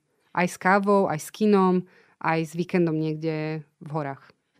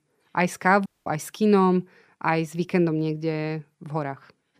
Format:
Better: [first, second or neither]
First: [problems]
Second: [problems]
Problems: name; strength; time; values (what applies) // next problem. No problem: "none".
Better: first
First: none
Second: audio cutting out; at 1 s